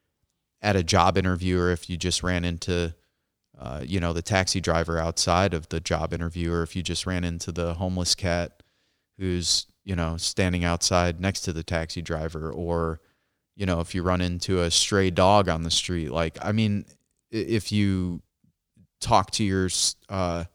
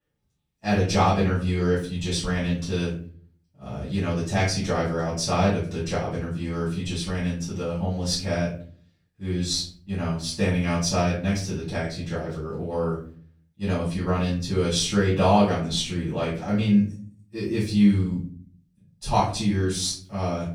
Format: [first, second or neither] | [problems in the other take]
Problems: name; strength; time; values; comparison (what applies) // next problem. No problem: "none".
first | off-mic speech; far // room echo; noticeable; dies away in 0.4 s